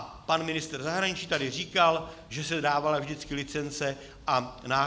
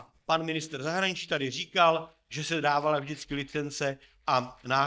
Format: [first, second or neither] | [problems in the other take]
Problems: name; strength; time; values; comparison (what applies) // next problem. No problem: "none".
first | noise reduction (neural mask model DeepFilterNet 3)